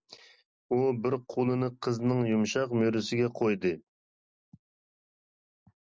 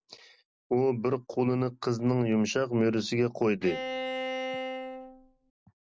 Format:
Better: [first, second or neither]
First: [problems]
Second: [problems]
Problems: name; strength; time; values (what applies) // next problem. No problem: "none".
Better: first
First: none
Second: background sound (Bowed string instrument); 6 dB below the speech